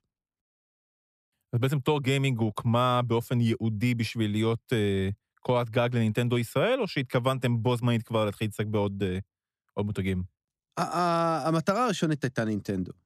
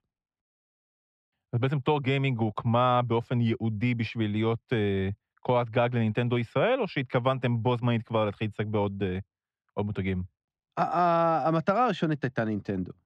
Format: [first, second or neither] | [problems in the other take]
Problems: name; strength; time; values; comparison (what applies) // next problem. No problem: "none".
first | muffled; slightly; fading above 2.5 kHz